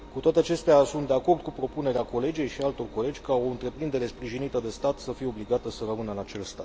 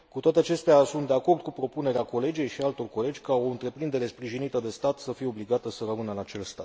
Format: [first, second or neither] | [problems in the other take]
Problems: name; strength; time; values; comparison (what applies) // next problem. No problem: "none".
second | background sound (Engine); 18 dB below the speech